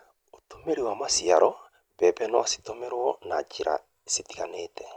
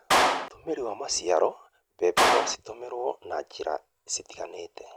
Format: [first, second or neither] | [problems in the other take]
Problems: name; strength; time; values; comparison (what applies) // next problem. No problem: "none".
first | background sound (Clapping); 2 dB above the speech